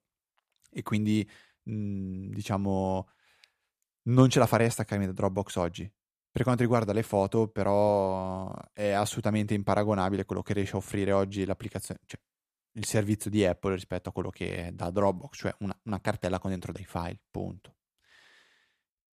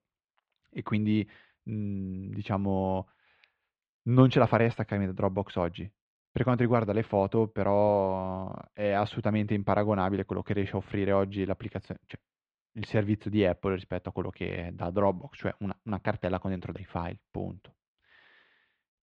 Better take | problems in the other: first | muffled; very; fading above 3.5 kHz

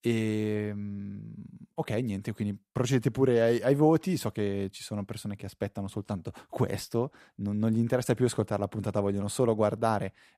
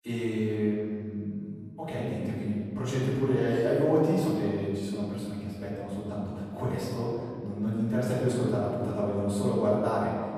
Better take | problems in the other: first | room echo; strong; dies away in 2 s // off-mic speech; far

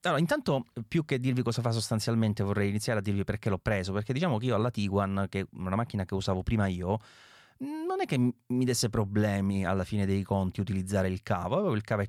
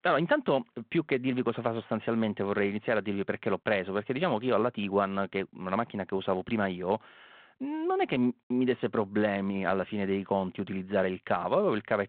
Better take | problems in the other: first | phone-call audio; nothing above 4 kHz

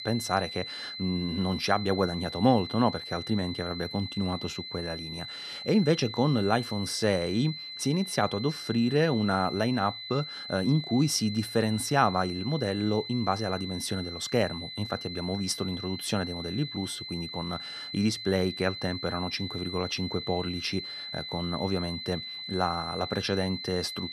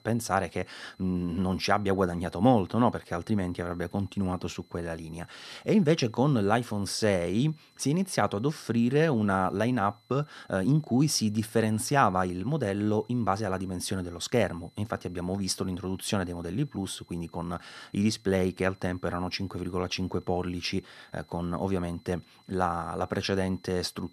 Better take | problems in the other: second | high-pitched whine; loud; throughout; 4 kHz, 8 dB below the speech; faint in the second

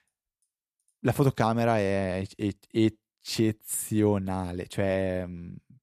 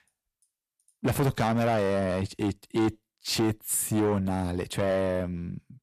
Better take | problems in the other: first | distortion; heavy; 7 dB below the speech

